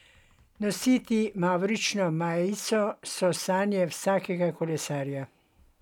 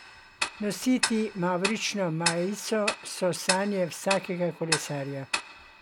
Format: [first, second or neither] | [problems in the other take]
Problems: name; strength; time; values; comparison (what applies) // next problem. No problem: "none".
first | background sound (Tick-tock); 5 dB below the speech